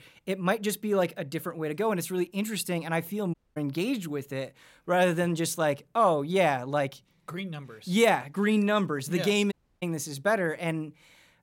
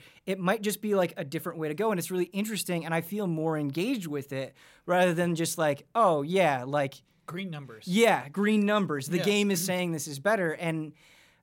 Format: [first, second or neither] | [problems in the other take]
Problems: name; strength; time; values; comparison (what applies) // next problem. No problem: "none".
second | audio cutting out; at 3.5 s and at 9.5 s